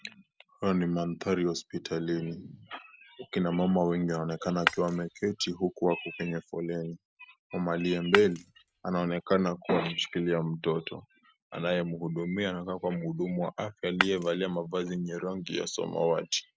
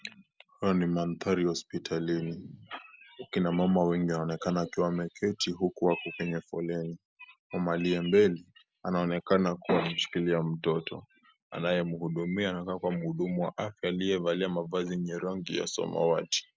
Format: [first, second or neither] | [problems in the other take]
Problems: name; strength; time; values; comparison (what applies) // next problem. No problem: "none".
second | background sound (Shatter); 3 dB below the speech